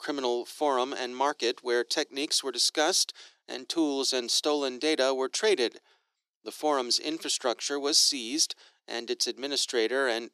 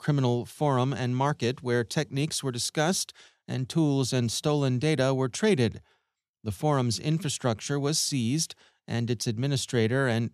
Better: second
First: thin; somewhat; fading below 300 Hz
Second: none

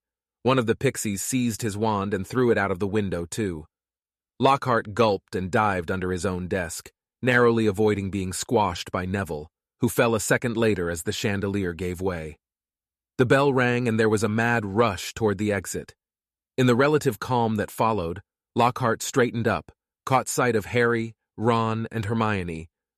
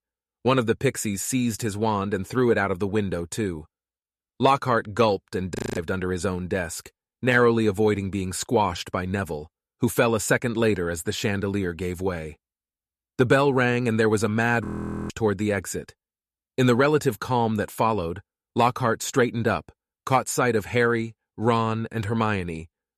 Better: first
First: none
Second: audio freezing; at 5.5 s and at 15 s

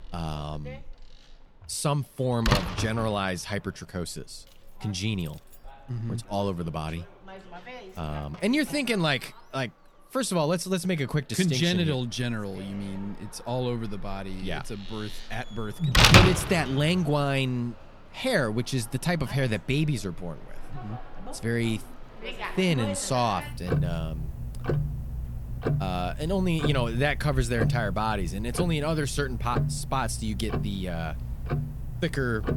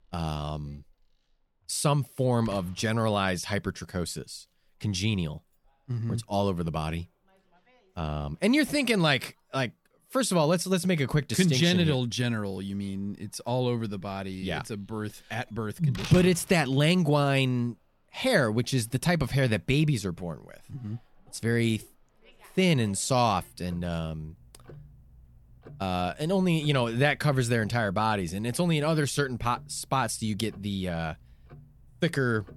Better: second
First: household noises; loud; throughout; as loud as the speech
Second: household noises; faint; throughout; 20 dB below the speech

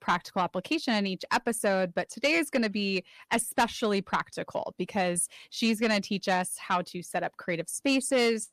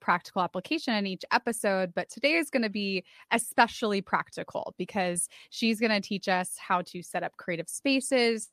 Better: second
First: distortion; slight; 10 dB below the speech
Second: none

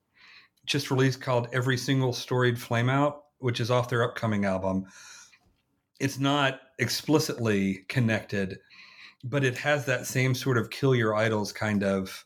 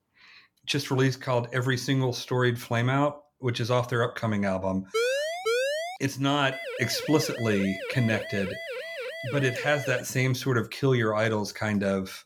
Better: first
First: none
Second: siren; loud; from 5 to 6 s; peak 1 dB above the speech // siren; noticeable; from 6.5 to 10 s; peak 8 dB below the speech

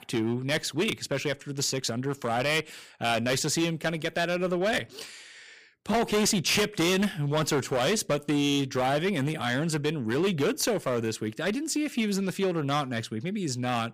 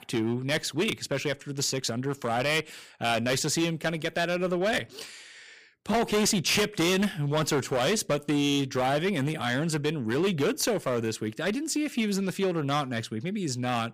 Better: neither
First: distortion; heavy; 10% of the sound clipped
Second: distortion; heavy; 10% of the sound clipped

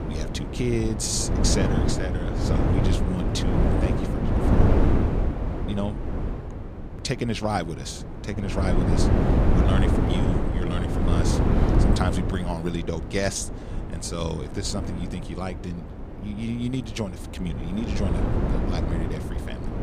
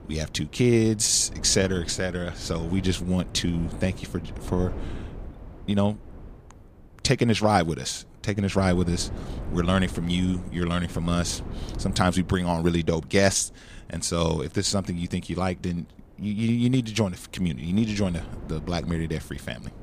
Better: second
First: wind noise on the microphone; heavy; 1 dB above the speech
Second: wind noise on the microphone; occasional gusts; 20 dB below the speech

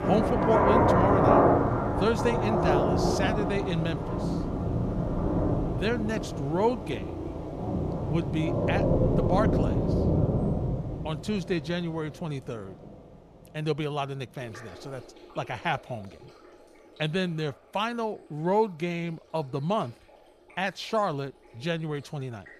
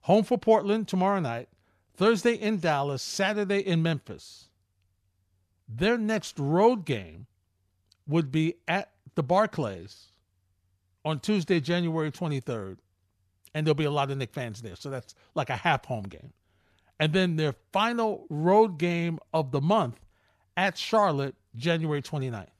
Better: second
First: rain or running water; very loud; throughout; 4 dB above the speech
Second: none

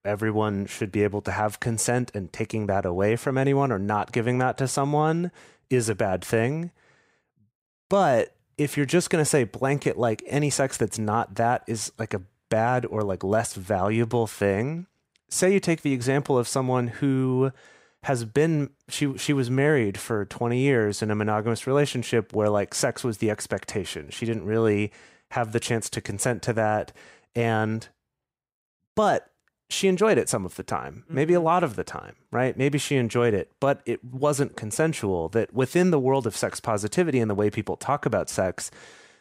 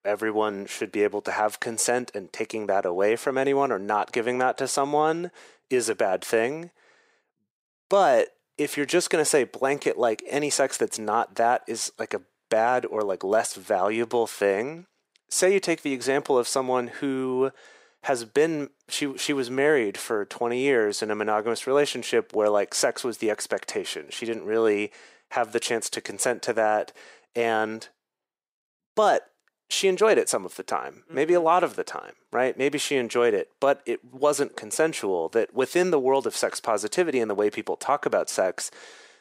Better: first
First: none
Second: thin; somewhat; fading below 400 Hz

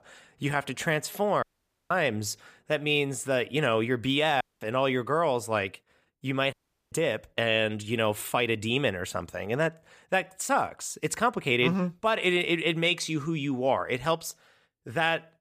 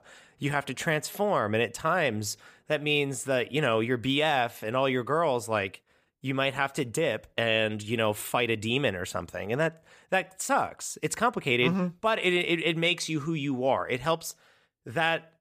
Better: second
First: audio cutting out; at 1.5 s, at 4.5 s and at 6.5 s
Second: none

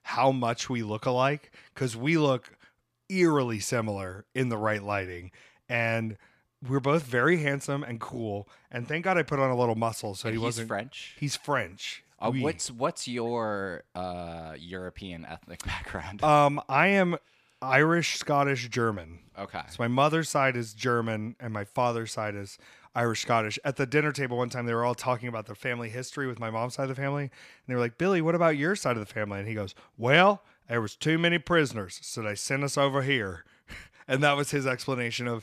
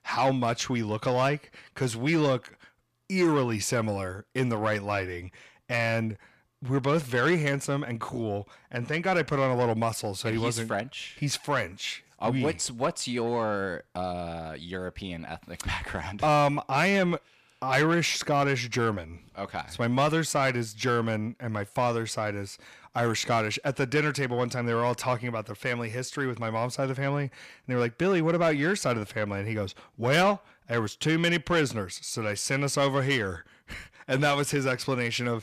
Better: first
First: none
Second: distortion; slight; 10 dB below the speech

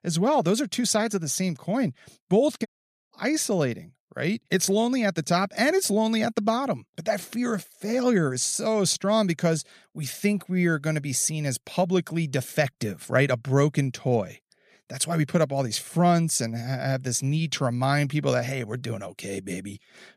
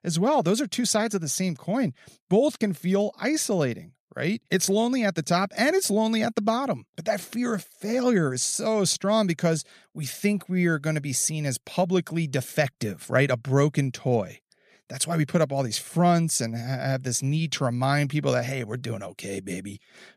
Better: second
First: audio cutting out; at 2.5 s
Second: none

